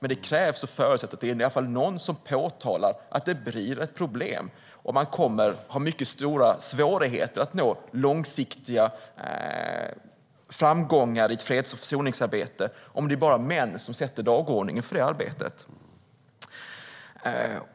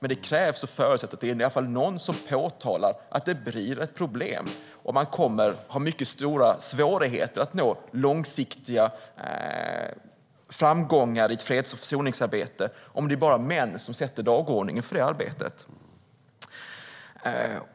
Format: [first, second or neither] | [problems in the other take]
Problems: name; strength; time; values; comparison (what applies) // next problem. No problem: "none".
first | background sound (Snare drum); 20 dB below the speech